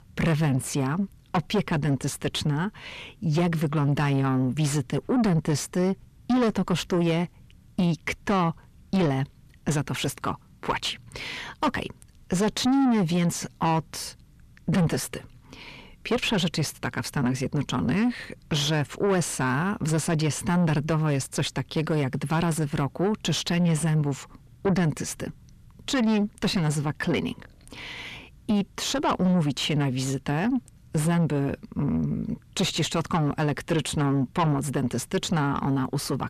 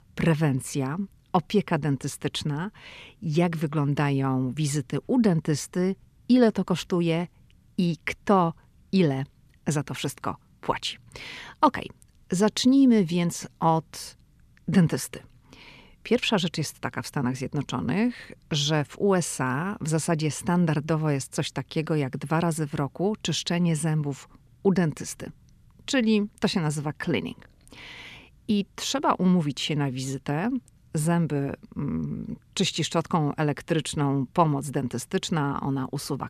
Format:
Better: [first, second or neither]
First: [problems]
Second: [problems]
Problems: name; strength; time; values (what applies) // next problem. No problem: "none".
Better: second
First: distortion; heavy; 7 dB below the speech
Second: none